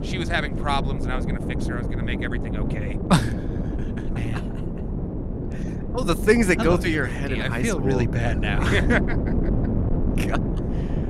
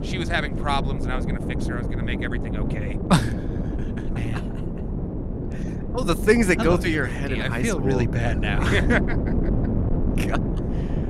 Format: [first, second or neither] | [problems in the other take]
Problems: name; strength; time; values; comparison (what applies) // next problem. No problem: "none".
neither | wind noise on the microphone; heavy; 9 dB below the speech; the same in both